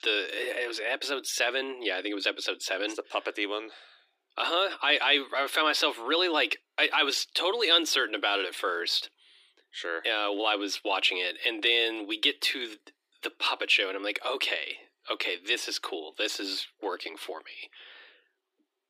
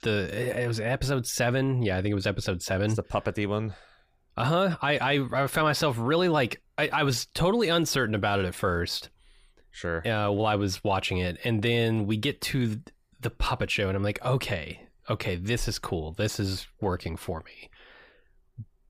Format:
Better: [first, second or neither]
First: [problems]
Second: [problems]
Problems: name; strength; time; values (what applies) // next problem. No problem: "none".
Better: second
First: thin; very; fading below 300 Hz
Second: none